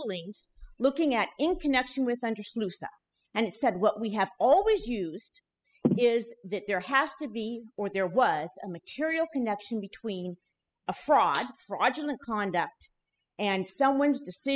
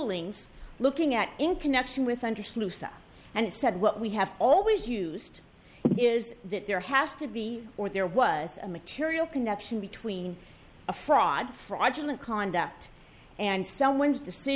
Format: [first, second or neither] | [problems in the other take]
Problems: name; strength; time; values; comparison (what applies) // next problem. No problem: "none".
second | noise reduction (classical method spectral subtraction)